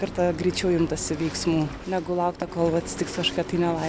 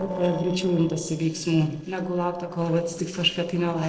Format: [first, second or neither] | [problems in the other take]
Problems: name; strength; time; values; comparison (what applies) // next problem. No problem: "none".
first | noise reduction (neural separator model SepFormer DNS4)